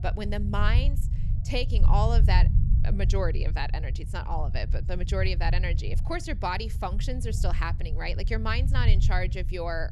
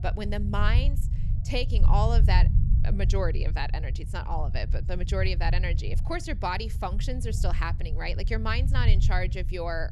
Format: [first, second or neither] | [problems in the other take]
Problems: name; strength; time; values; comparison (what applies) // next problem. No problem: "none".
neither | low rumble; noticeable; throughout; 10 dB below the speech; the same in both